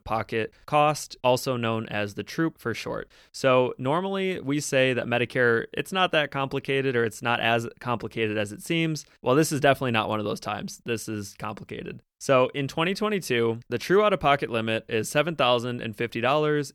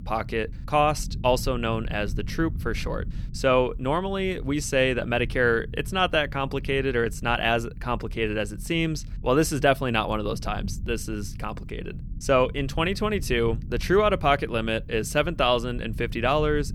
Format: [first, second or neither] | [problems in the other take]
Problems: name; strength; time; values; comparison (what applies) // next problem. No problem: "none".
first | low rumble; faint; throughout; 25 dB below the speech